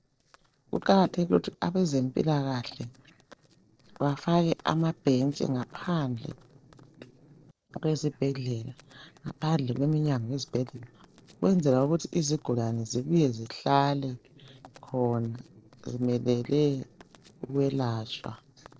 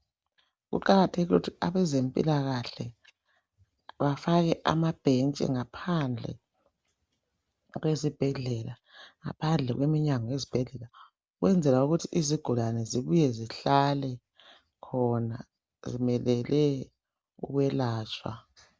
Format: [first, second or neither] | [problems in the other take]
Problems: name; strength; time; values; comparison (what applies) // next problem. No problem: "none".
second | noise reduction (neural separator model SepFormer DNS4)